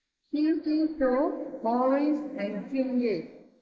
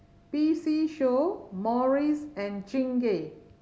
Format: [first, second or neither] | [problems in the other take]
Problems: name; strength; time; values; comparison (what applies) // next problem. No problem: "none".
second | noise reduction (neural mask model Resemble Enhance denoiser)